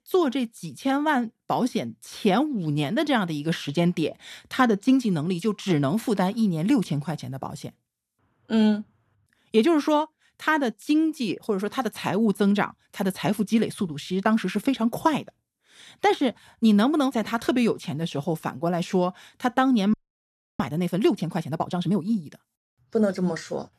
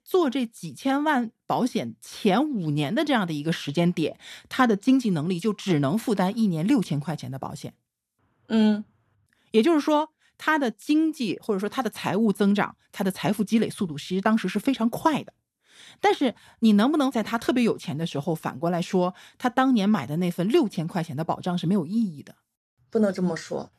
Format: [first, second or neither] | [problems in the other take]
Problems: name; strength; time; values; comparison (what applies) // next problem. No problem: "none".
second | audio freezing; at 20 s for 0.5 s